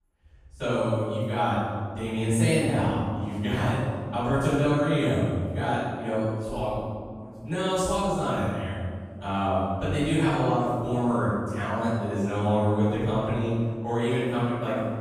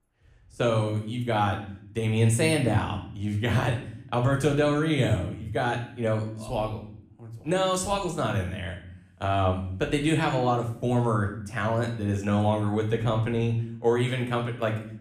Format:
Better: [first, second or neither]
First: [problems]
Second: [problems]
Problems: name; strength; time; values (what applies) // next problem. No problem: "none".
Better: second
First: room echo; strong; dies away in 1.8 s // off-mic speech; far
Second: room echo; slight; dies away in 0.6 s // off-mic speech; somewhat distant